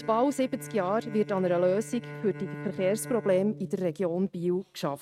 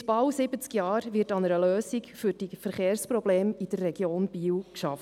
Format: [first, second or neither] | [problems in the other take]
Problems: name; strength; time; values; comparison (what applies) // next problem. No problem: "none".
second | noise reduction (neural mask model RNNoise)